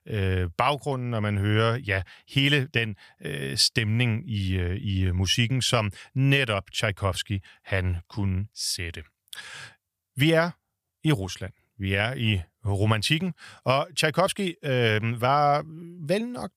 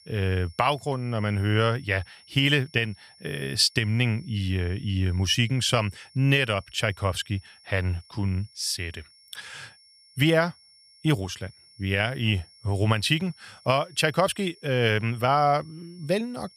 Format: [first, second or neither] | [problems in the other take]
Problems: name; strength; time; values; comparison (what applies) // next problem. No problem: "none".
first | high-pitched whine; faint; throughout; 5.5 kHz, 25 dB below the speech